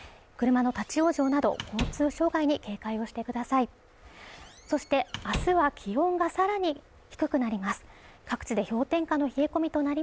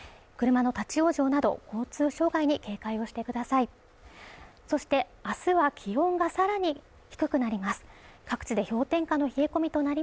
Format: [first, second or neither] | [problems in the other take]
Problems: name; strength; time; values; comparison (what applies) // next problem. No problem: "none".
second | background sound (Squeak / Slam); 12 dB below the speech